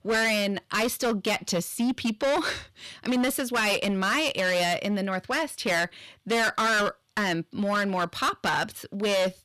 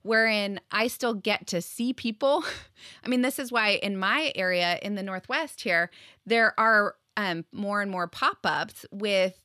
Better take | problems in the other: second | distortion; heavy; 18% of the sound clipped

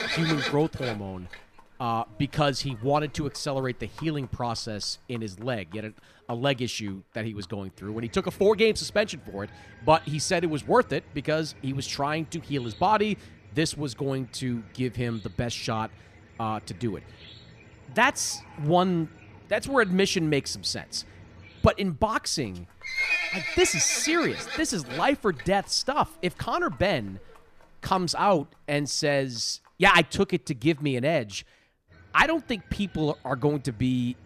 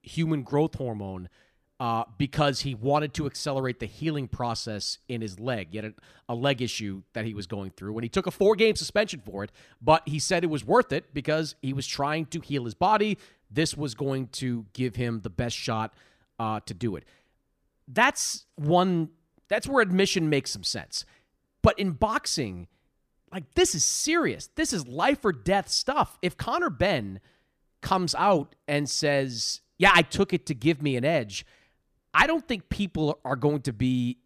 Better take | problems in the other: second | animal sounds; loud; throughout; 8 dB below the speech

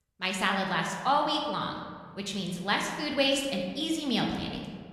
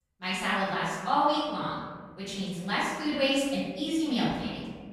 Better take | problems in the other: first | room echo; strong; dies away in 1.4 s; slight in the first // off-mic speech; far

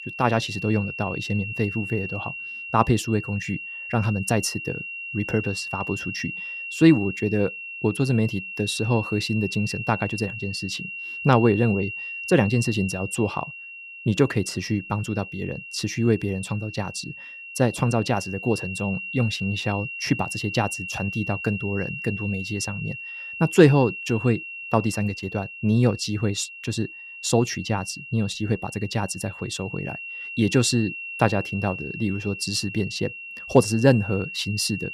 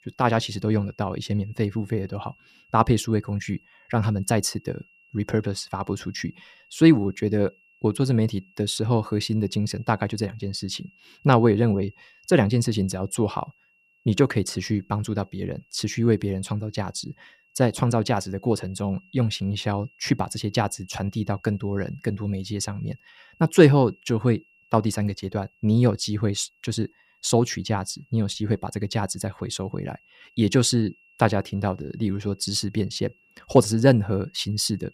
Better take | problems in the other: second | high-pitched whine; loud; throughout; 2.5 kHz, 8 dB below the speech; faint in the second

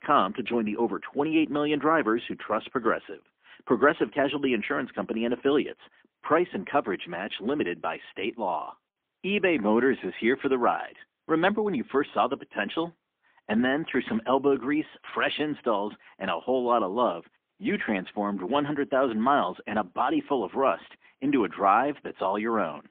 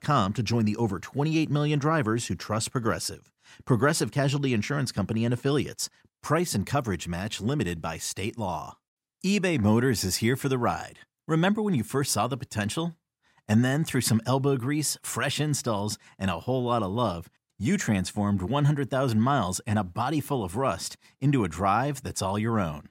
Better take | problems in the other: second | phone-call audio; poor line; nothing above 3.5 kHz

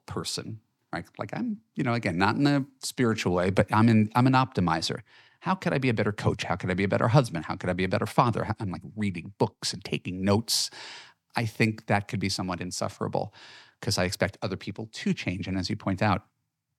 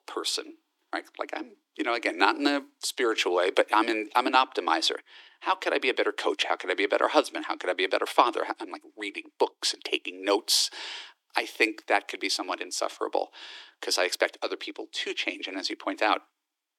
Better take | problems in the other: first | thin; very; fading below 300 Hz

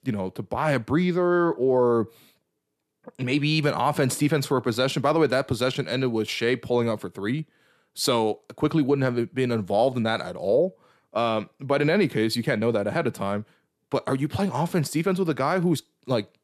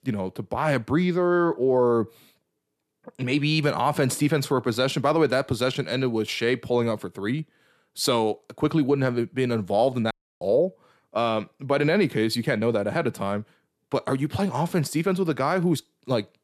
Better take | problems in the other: first | audio cutting out; at 10 s

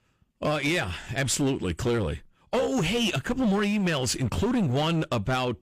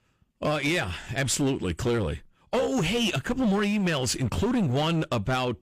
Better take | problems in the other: neither | distortion; slight; 14% of the sound clipped; the same in both

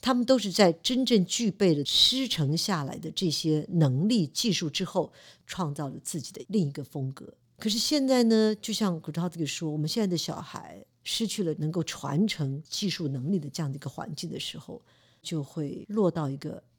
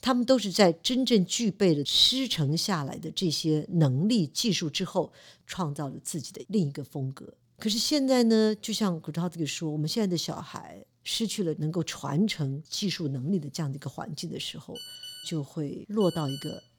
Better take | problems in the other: first | phone ringing; faint; from 15 s on; peak 10 dB below the speech

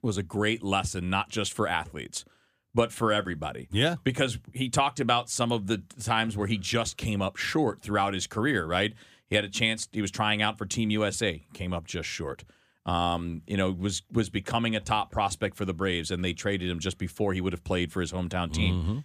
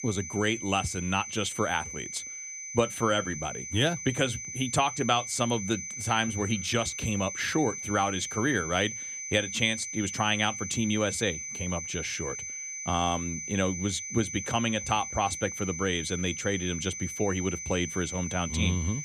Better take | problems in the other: first | high-pitched whine; loud; throughout; 6 kHz, 6 dB below the speech

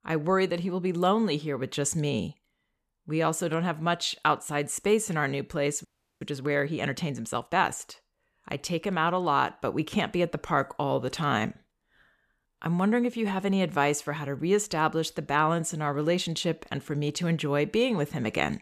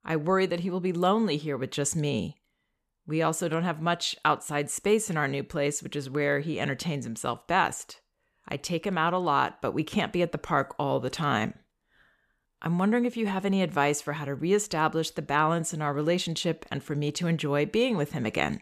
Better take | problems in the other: second | audio freezing; at 6 s

